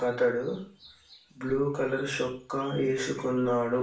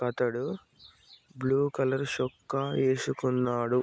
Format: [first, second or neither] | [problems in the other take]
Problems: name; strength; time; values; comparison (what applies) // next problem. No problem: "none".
second | room echo; dies away in 0.4 s